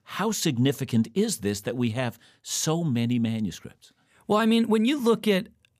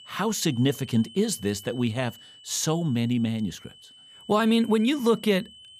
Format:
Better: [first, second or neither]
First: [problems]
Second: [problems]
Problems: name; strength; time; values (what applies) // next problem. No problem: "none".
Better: first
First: none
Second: high-pitched whine; faint; throughout; 3 kHz, 20 dB below the speech